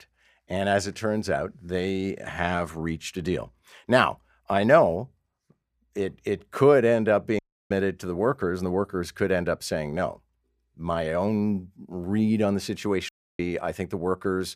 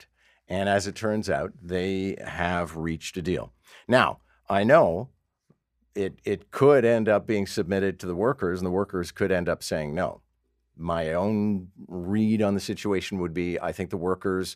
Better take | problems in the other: second | audio cutting out; at 7.5 s and at 13 s

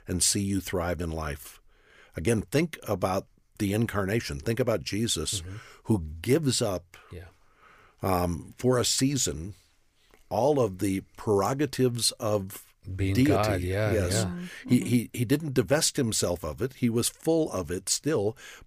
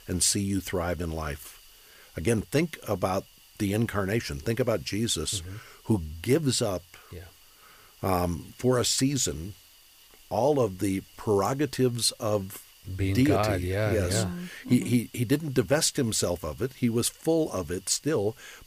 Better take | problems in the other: first | hiss; faint; throughout; 25 dB below the speech

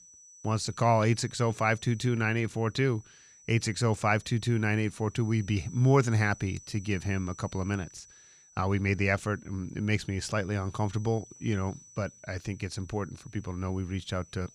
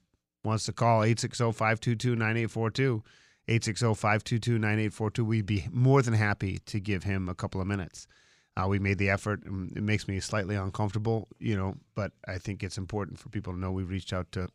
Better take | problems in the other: second | high-pitched whine; faint; throughout; 6 kHz, 20 dB below the speech

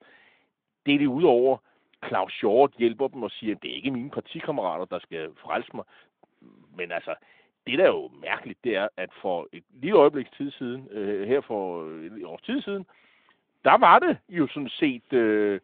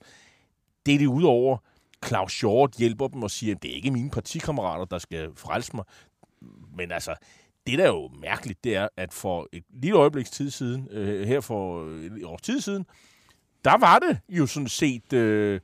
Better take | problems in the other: second | phone-call audio

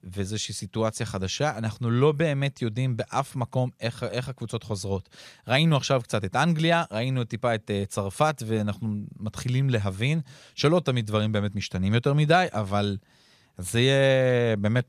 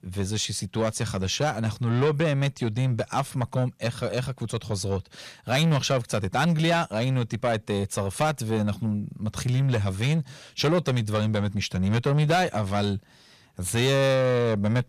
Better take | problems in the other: first | distortion; slight; 10 dB below the speech

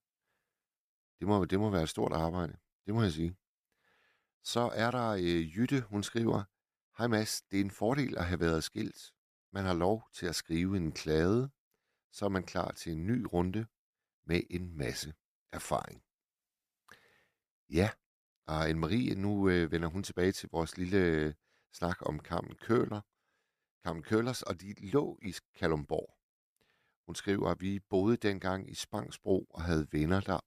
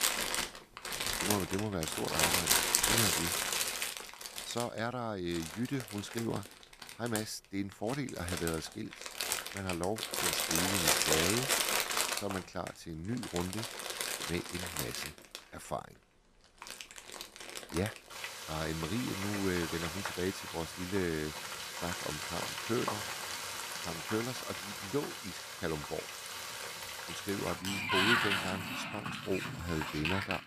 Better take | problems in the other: first | household noises; very loud; throughout; 4 dB above the speech

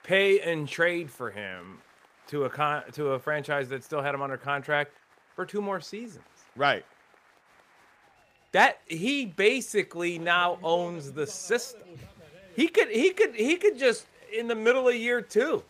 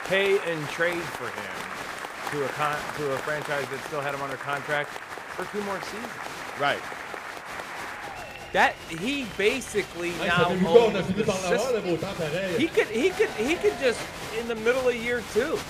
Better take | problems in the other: first | crowd noise; loud; throughout; 3 dB below the speech; faint in the first

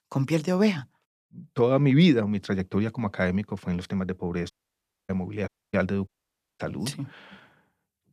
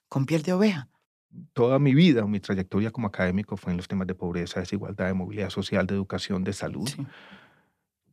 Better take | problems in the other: second | audio cutting out; at 4.5 s for 0.5 s, at 5.5 s and at 6 s for 0.5 s

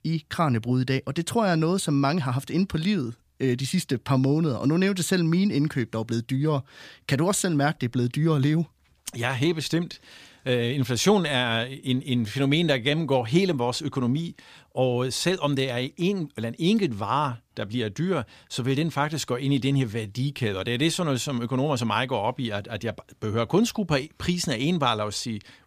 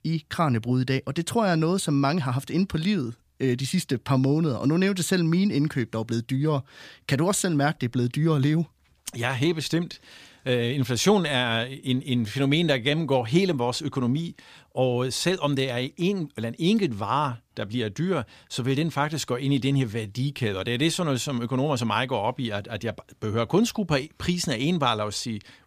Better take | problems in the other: neither | none

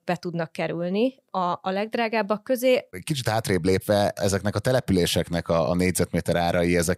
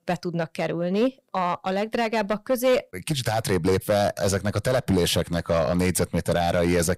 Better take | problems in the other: first | distortion; slight; 6% of the sound clipped

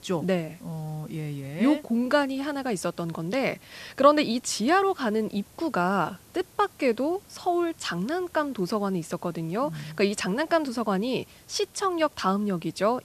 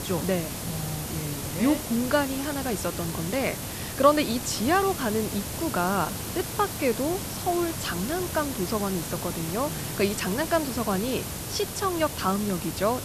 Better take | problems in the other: first | hiss; loud; throughout; 5 dB below the speech; faint in the first

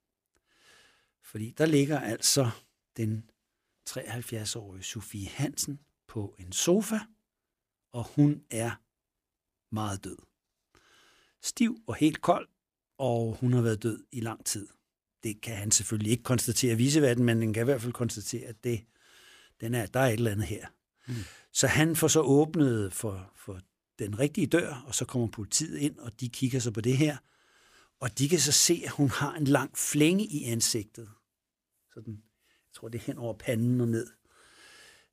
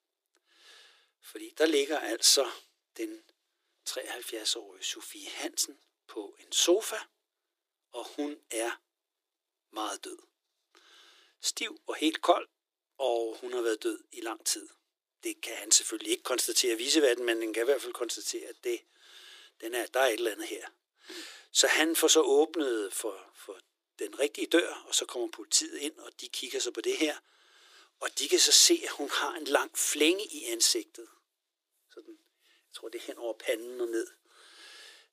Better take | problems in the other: first | thin; very; fading below 350 Hz

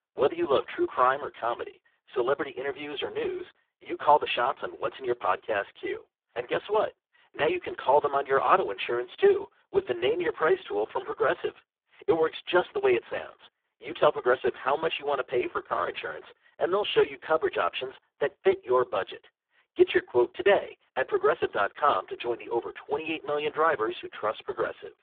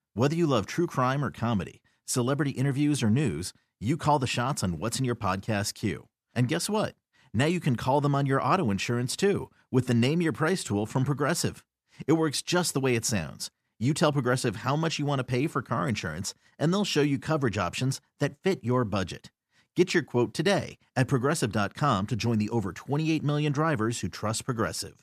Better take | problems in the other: second | phone-call audio; poor line

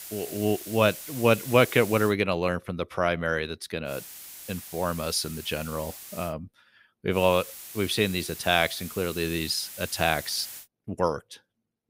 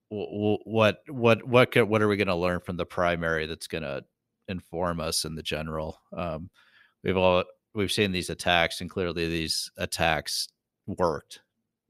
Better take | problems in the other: second | hiss; noticeable; until 2 s, from 4 to 6.5 s and from 7 to 11 s; 10 dB below the speech

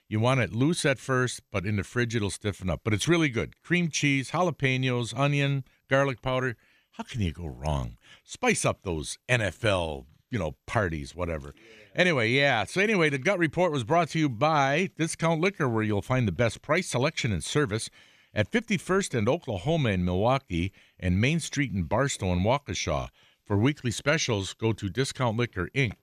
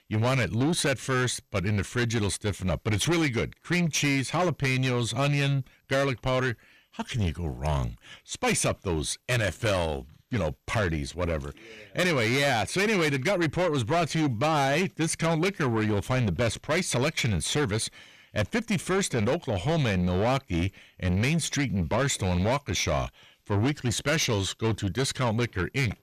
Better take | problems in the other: first | distortion; heavy; 8 dB below the speech

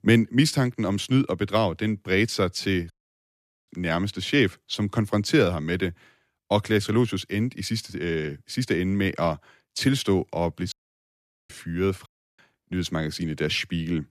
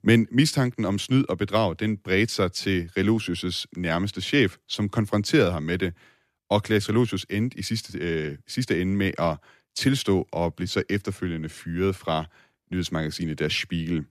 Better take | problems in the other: second | audio cutting out; at 3 s for 1 s, at 11 s for 1 s and at 12 s

